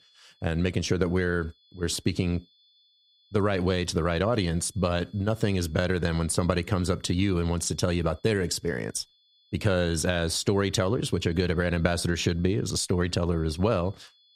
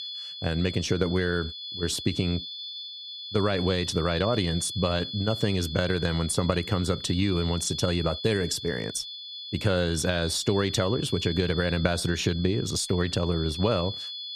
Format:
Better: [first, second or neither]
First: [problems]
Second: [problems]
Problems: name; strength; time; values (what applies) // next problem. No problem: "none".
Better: first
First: high-pitched whine; faint; throughout; 3.5 kHz, 35 dB below the speech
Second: high-pitched whine; loud; throughout; 3.5 kHz, 8 dB below the speech